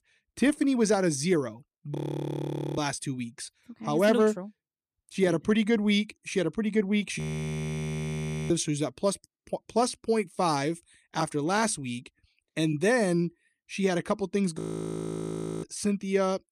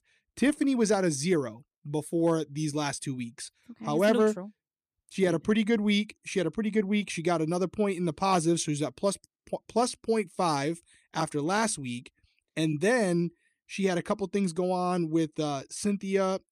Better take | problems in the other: second | audio freezing; at 2 s for 1 s, at 7 s for 1.5 s and at 15 s for 1 s

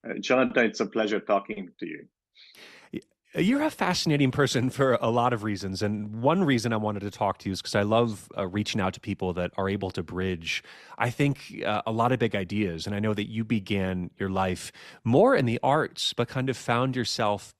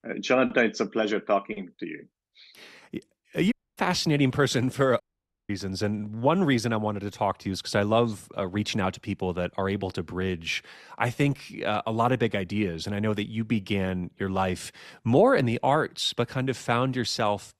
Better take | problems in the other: first | audio cutting out; at 3.5 s and at 5 s

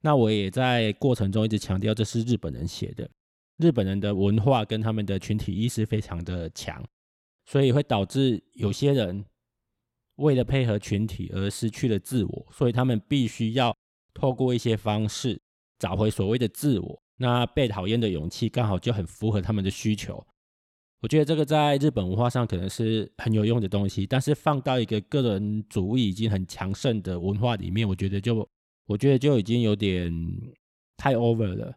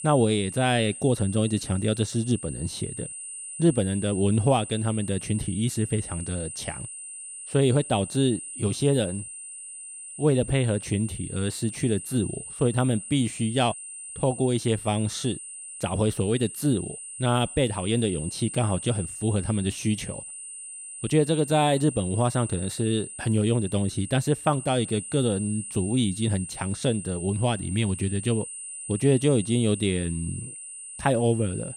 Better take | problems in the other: first | high-pitched whine; noticeable; throughout; 9 kHz, 10 dB below the speech

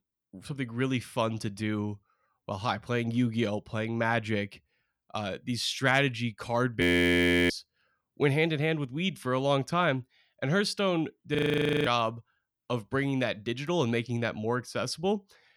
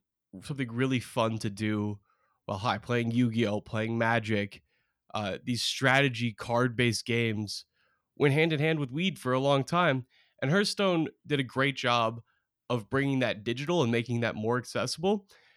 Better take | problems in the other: second | audio freezing; at 7 s for 0.5 s and at 11 s for 0.5 s

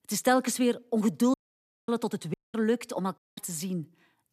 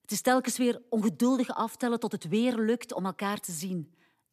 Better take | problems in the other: second | audio cutting out; at 1.5 s for 0.5 s, at 2.5 s and at 3 s

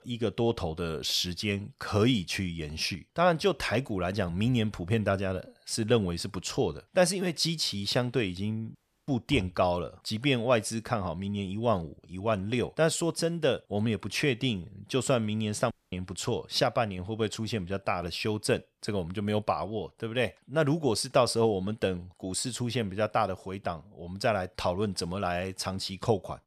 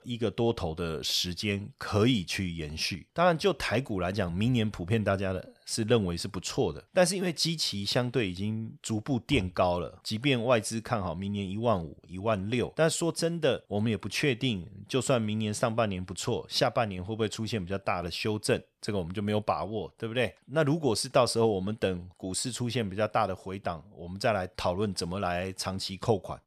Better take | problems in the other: second | audio cutting out; at 9 s and at 16 s

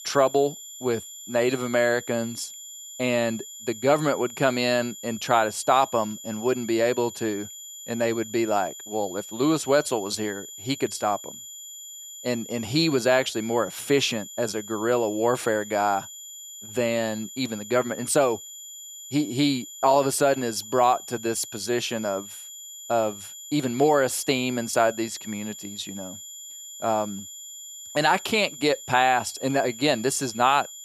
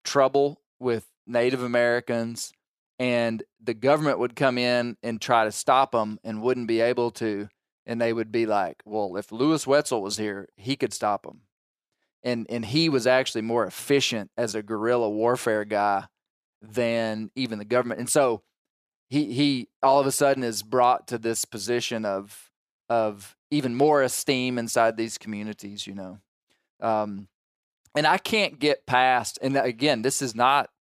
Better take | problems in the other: second | high-pitched whine; noticeable; throughout; 7 kHz, 15 dB below the speech

